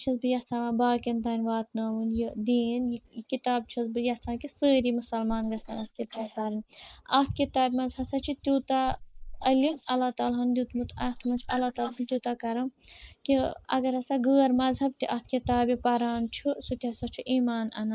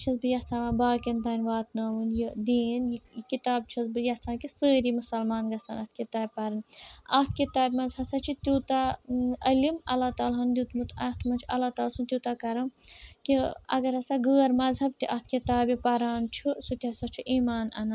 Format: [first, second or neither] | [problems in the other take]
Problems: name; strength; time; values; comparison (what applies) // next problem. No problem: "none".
second | noise reduction (neural mask model Resemble Enhance denoiser)